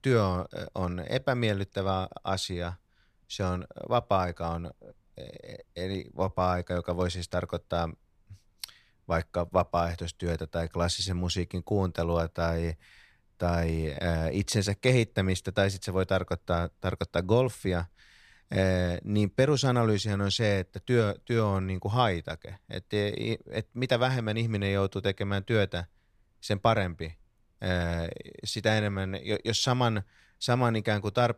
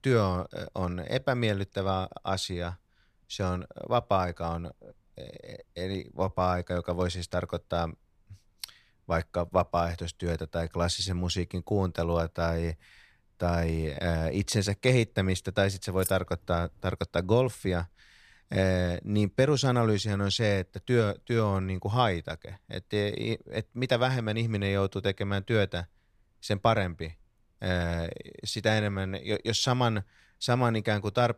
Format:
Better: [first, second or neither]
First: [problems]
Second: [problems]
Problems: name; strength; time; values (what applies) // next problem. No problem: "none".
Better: first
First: none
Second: jangling keys; noticeable; at 16 s; peak 8 dB below the speech